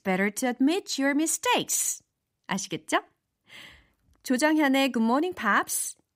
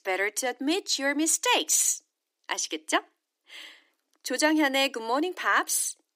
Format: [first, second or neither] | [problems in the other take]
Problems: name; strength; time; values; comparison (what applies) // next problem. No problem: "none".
first | thin; somewhat; fading below 300 Hz